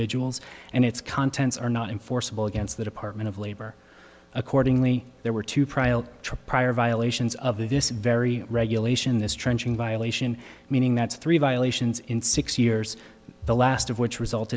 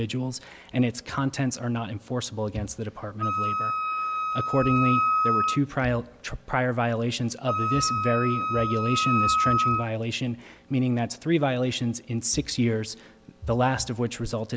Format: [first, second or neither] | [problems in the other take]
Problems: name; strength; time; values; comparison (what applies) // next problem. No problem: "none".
first | background sound (Wind instrument, woodwind instrument); as loud as the speech